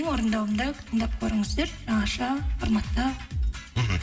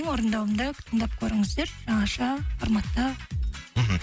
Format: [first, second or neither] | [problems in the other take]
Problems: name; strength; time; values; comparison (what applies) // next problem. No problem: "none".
second | room echo; dies away in 1 s